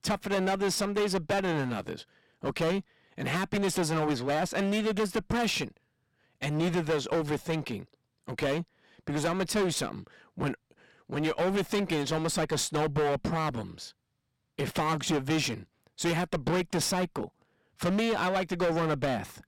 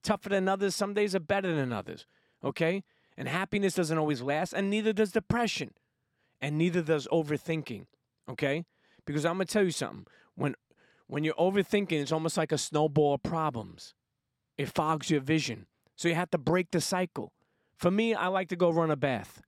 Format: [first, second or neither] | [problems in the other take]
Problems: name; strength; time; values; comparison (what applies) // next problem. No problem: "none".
second | distortion; heavy; 16% of the sound clipped